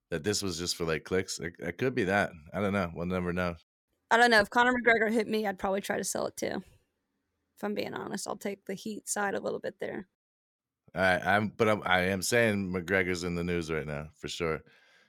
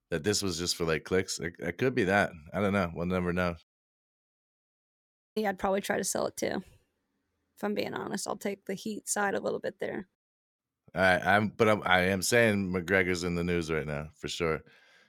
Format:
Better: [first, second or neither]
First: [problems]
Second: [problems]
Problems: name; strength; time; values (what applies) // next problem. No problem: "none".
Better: first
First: none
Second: audio cutting out; at 4 s for 1.5 s